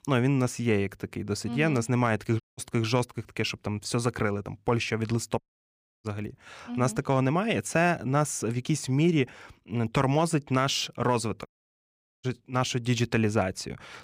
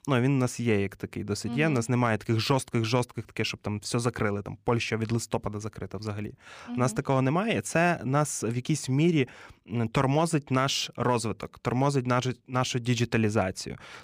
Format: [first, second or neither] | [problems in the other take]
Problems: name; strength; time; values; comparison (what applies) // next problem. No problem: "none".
second | audio cutting out; at 2.5 s, at 5.5 s for 0.5 s and at 11 s for 1 s